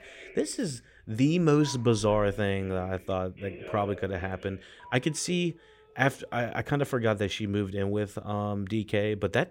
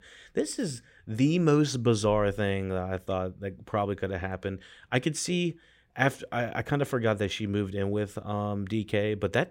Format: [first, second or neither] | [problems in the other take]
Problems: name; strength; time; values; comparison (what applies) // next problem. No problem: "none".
second | alarms or sirens; noticeable; until 7 s; 20 dB below the speech